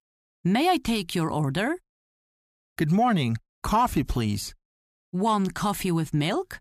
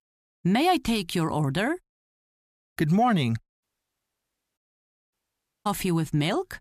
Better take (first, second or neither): first